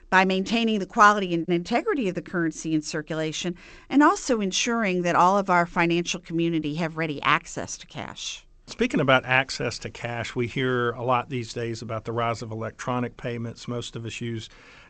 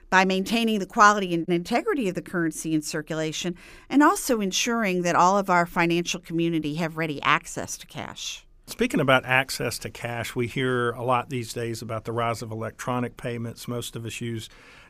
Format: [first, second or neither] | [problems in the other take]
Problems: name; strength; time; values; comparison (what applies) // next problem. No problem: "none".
second | garbled, watery; slightly; nothing above 7.5 kHz